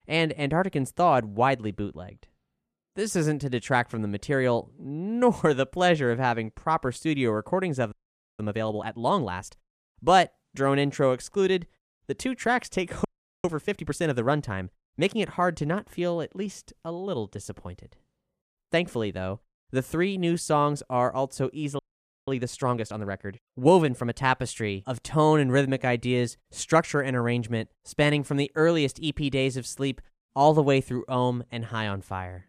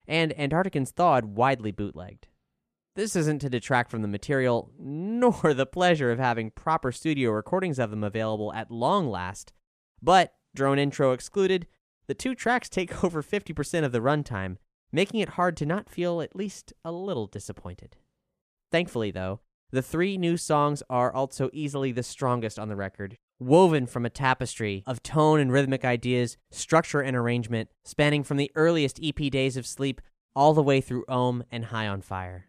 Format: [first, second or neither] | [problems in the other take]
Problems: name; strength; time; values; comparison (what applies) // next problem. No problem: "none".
second | audio freezing; at 8 s, at 13 s and at 22 s